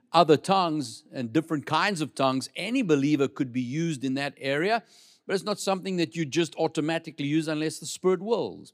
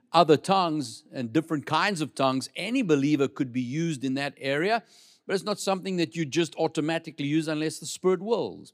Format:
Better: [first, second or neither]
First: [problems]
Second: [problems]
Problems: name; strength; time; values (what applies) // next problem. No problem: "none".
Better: neither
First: none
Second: none